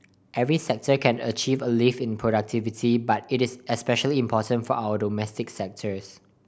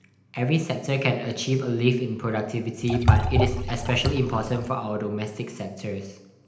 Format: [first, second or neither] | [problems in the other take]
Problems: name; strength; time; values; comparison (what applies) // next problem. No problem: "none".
first | background sound (Liquid); 1 dB above the speech // room echo; dies away in 0.9 s